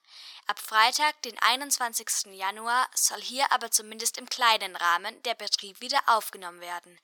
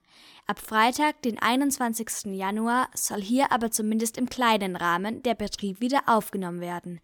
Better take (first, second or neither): second